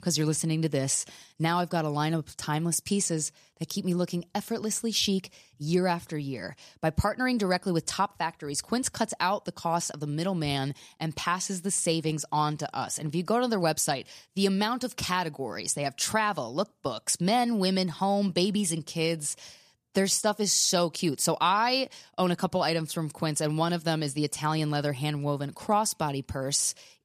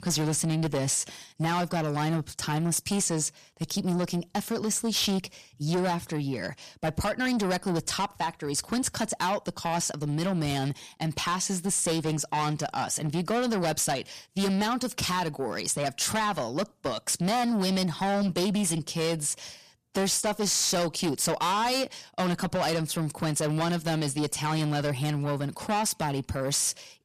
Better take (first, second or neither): first